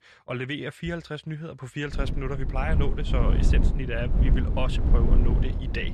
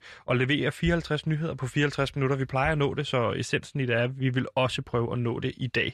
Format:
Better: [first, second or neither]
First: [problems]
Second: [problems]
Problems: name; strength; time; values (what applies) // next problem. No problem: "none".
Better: second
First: wind noise on the microphone; heavy; from 2 s on; 5 dB below the speech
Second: none